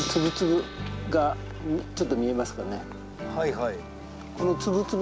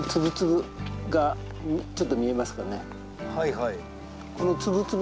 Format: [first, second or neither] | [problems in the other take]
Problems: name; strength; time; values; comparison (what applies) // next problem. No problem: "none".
second | background sound (Gong); 16 dB below the speech